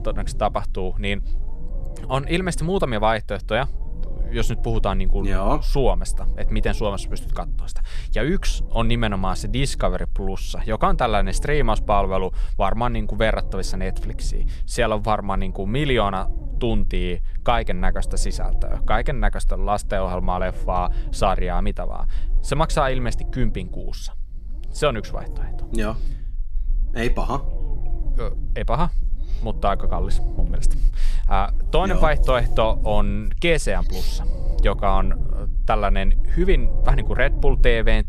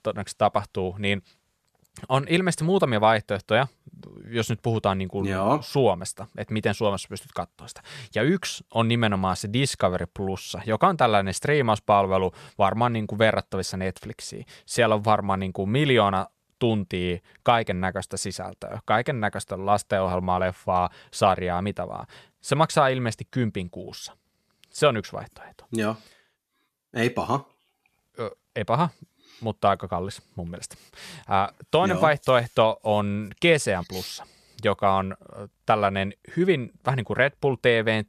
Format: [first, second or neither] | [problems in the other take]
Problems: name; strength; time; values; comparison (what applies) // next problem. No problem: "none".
second | low rumble; faint; throughout; 20 dB below the speech